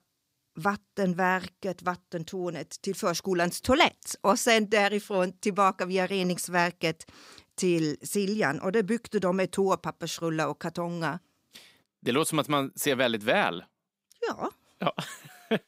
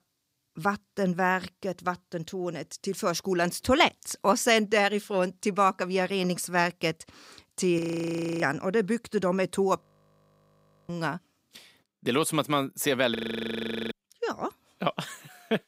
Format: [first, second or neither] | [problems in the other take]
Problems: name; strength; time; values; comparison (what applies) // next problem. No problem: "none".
first | audio freezing; at 8 s for 0.5 s, at 10 s for 1 s and at 13 s for 1 s